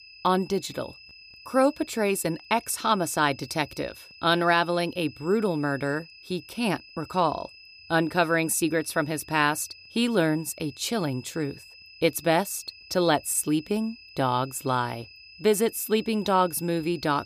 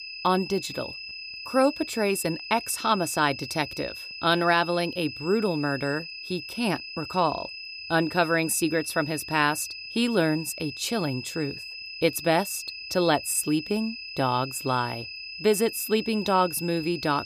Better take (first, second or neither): first